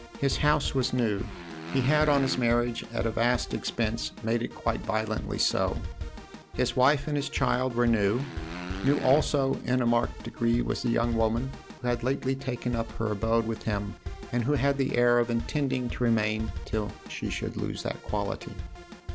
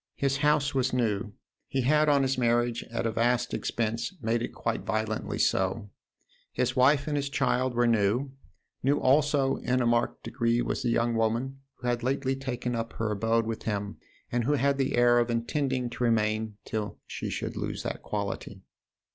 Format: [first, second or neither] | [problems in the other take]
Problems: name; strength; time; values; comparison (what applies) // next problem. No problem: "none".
second | background sound (Drum kit + Motorcycle); 10 dB below the speech